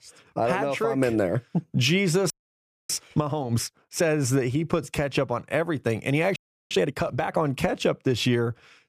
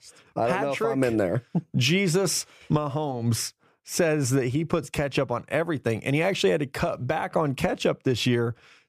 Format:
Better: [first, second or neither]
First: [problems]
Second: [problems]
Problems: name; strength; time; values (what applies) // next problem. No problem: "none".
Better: second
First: audio freezing; at 2.5 s for 0.5 s and at 6.5 s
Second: none